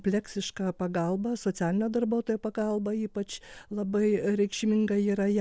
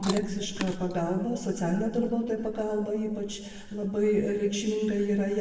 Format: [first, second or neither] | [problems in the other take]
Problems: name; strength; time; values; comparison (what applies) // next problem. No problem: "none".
first | background sound (Chewing, mastication); 12 dB below the speech // room echo; dies away in 1.2 s